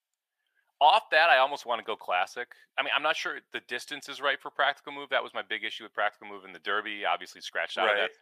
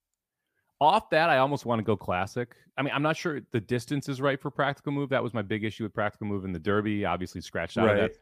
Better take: second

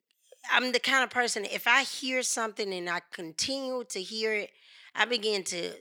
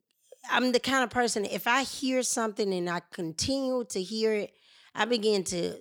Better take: second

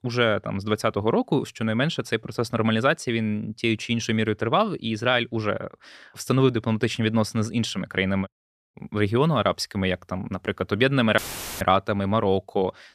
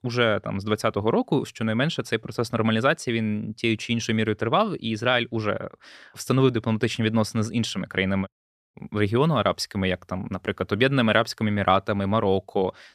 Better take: second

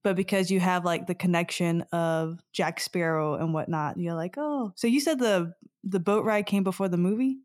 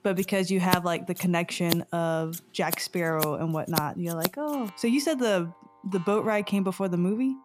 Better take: first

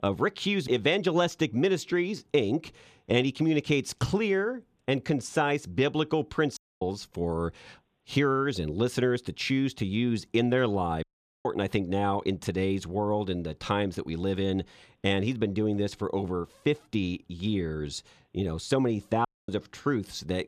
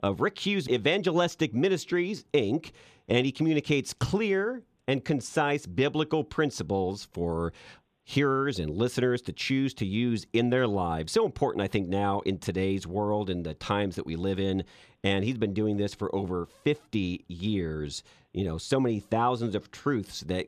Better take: second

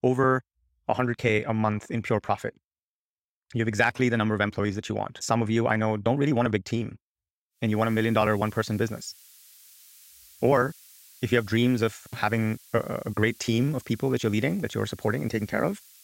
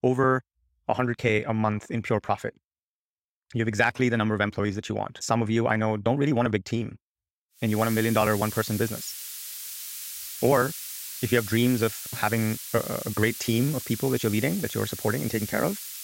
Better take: first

